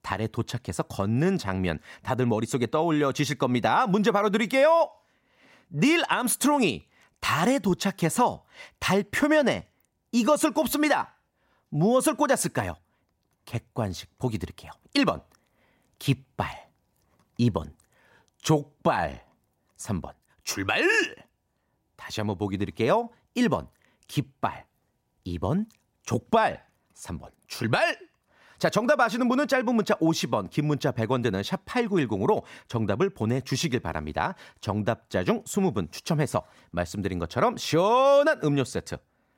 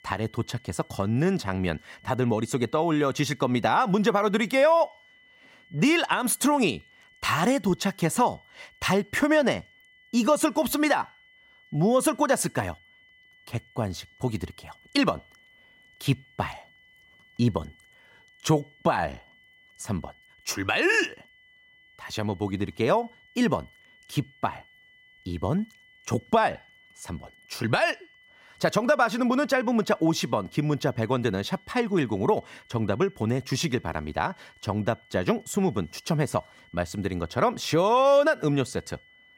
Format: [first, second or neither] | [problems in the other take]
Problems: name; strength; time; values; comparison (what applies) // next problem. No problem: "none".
first | high-pitched whine; faint; throughout; 2 kHz, 30 dB below the speech